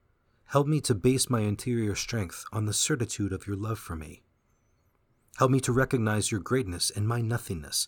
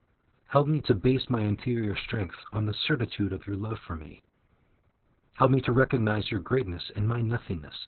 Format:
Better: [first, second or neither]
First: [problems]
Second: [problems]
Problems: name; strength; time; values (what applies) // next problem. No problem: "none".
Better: first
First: none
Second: garbled, watery; badly; nothing above 4 kHz